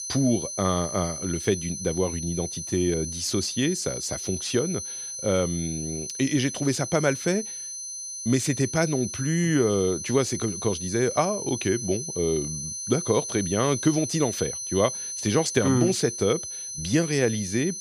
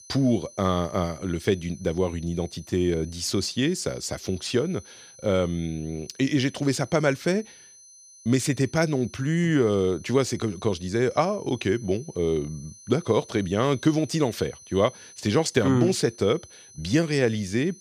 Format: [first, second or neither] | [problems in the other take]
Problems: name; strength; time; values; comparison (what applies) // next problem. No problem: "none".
second | high-pitched whine; loud; throughout; 6 kHz, 6 dB below the speech; faint in the second